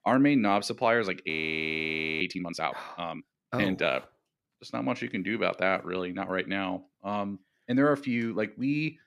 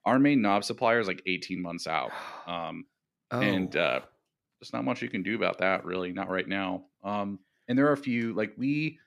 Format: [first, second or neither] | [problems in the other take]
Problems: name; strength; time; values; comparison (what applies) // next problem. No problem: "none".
second | audio freezing; at 1.5 s for 1 s